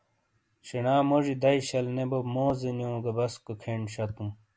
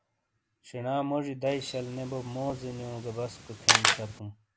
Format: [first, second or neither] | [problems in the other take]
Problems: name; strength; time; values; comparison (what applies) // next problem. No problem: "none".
first | background sound (Camera); 3 dB above the speech